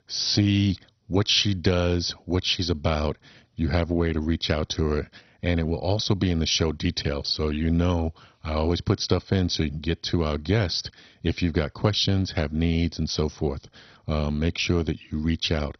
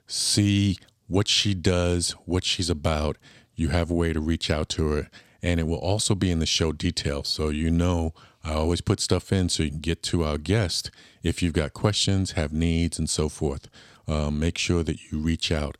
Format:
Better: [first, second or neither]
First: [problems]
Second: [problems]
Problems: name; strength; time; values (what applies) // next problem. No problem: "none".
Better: second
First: garbled, watery; badly; nothing above 6 kHz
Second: none